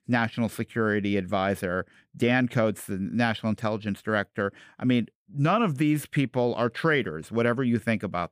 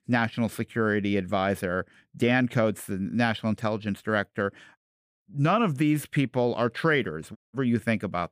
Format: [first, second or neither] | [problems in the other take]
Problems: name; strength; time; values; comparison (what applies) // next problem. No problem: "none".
first | audio cutting out; at 5 s and at 7.5 s